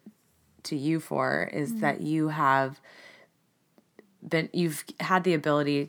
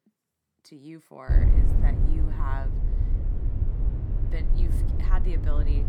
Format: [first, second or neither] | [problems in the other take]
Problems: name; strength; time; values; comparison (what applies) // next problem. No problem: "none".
first | low rumble; loud; from 1.5 s on; 2 dB below the speech